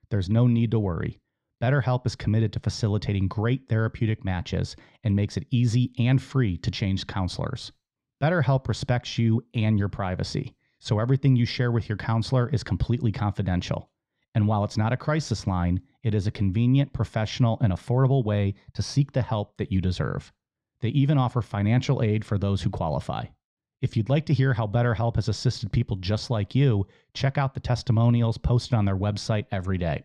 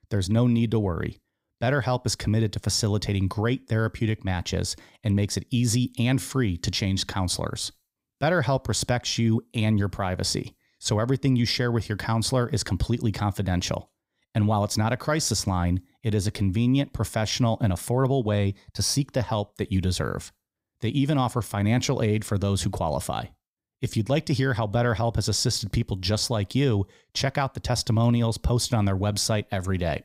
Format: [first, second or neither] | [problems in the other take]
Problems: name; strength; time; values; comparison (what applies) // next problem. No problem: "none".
second | muffled; very slightly; fading above 3.5 kHz